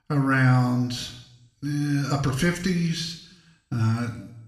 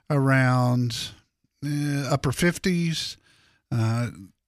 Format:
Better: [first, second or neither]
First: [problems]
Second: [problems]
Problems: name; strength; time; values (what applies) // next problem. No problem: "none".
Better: second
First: room echo; slight; dies away in 0.7 s // off-mic speech; somewhat distant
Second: none